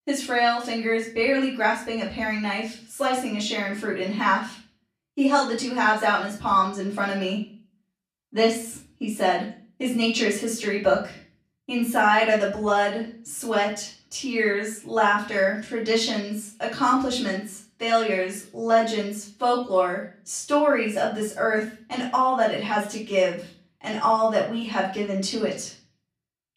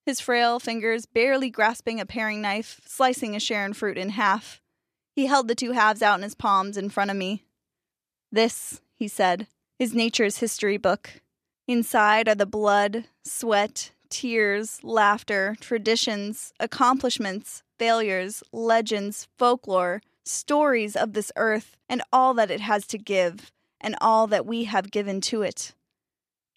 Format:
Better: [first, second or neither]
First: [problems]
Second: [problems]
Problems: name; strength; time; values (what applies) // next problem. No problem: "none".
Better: second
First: room echo; slight; dies away in 0.4 s // off-mic speech; far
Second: none